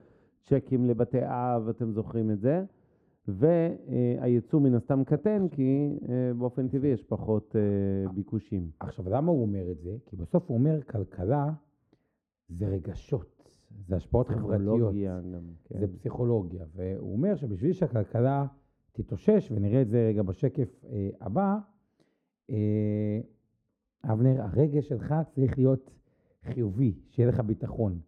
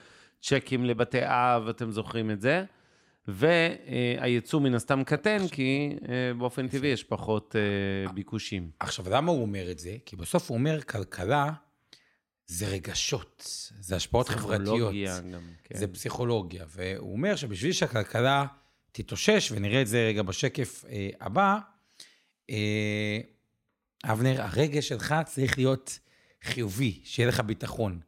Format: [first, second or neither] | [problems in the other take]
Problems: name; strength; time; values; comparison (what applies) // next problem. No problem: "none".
second | muffled; very; fading above 1.5 kHz